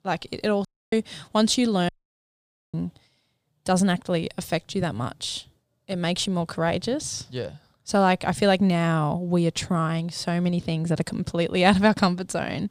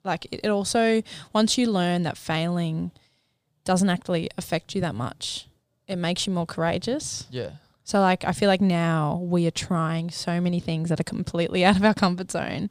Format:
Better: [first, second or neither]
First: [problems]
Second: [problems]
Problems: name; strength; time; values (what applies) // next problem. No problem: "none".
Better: second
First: audio cutting out; at 0.5 s and at 2 s for 1 s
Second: none